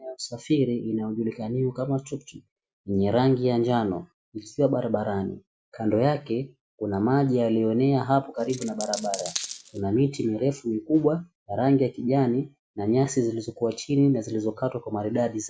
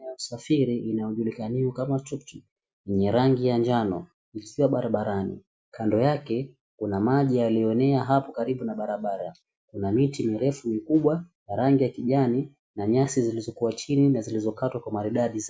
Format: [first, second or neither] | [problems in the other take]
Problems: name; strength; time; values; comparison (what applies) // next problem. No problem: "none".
second | background sound (Coin (dropping)); 11 dB below the speech